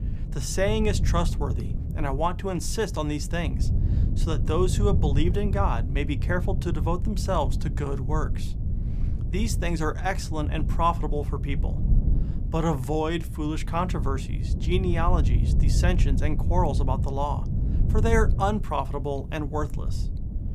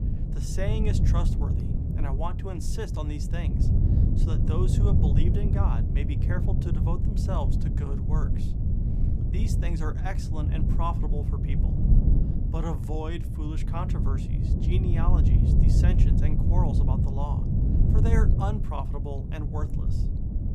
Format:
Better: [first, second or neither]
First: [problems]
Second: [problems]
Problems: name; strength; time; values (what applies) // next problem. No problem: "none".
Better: first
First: wind noise on the microphone; occasional gusts; 10 dB below the speech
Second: wind noise on the microphone; heavy; 1 dB below the speech